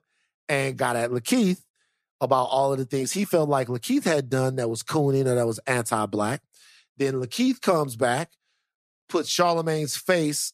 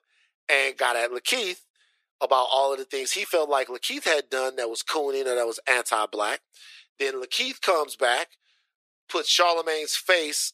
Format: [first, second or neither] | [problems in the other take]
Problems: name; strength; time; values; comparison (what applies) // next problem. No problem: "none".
first | thin; very; fading below 400 Hz